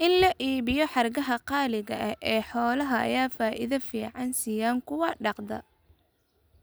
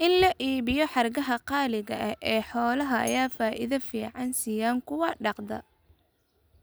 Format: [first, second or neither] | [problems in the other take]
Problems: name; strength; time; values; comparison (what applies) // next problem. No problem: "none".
first | background sound (Bell); 20 dB below the speech